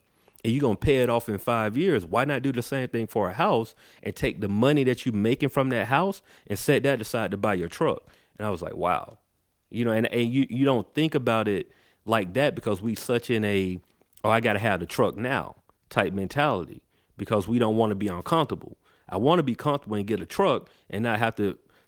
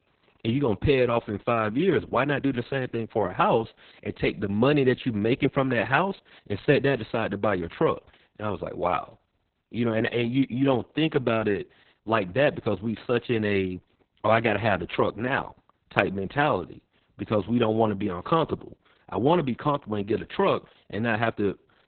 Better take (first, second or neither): first